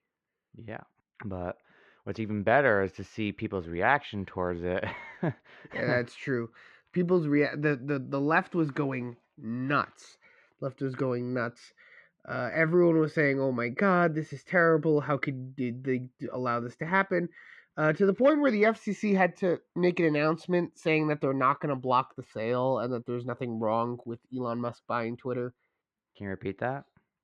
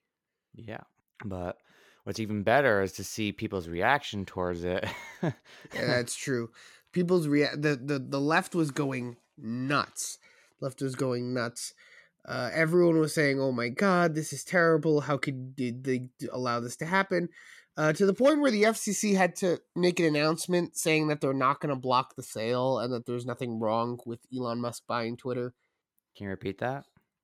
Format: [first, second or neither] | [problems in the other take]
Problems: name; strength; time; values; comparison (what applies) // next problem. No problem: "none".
second | muffled; slightly; fading above 2 kHz